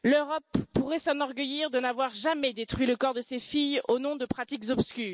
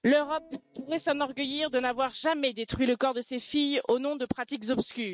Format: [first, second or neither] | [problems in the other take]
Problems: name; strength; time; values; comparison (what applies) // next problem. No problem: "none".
first | noise reduction (neural mask model RNNoise)